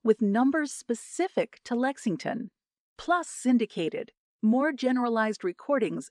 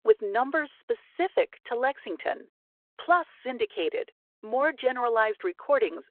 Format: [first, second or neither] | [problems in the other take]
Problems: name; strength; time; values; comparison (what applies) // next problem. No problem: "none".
first | phone-call audio